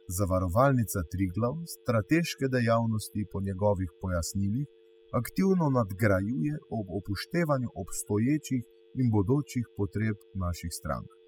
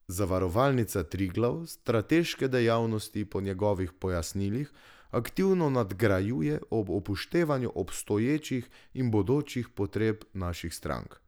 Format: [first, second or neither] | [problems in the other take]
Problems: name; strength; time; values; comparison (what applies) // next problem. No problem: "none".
second | noise reduction (classical method spectral subtraction)